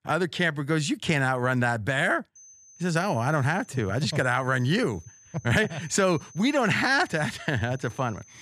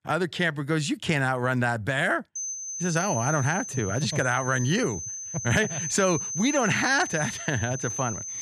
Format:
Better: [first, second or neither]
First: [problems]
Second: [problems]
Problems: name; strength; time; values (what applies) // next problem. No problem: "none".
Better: first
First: high-pitched whine; faint; from 2.5 s on; 6 kHz, 25 dB below the speech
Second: high-pitched whine; loud; from 2.5 s on; 6 kHz, 6 dB below the speech